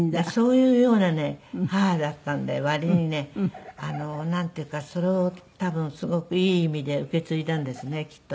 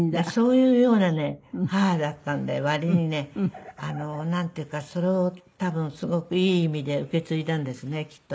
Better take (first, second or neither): first